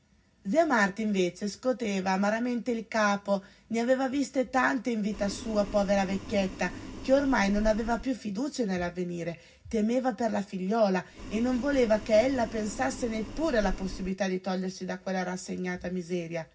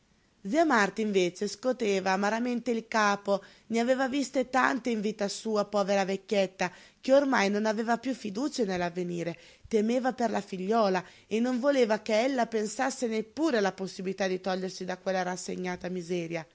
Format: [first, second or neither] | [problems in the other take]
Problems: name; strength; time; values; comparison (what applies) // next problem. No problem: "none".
second | background sound (Boiling); 10 dB below the speech // room echo; dies away in 0.4 s